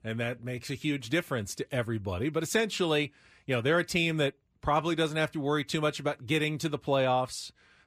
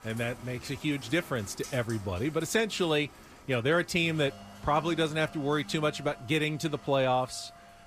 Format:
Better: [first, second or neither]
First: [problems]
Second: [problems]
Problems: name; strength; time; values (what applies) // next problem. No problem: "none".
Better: first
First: none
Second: rain or running water; noticeable; throughout; 20 dB below the speech